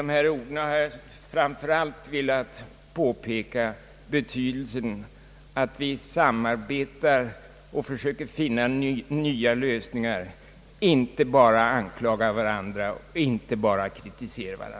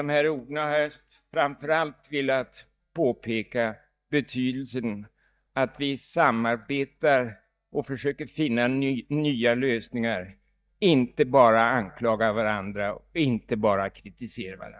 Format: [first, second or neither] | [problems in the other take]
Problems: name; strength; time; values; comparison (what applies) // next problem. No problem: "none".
first | noise reduction (neural mask model DeepFilterNet 3)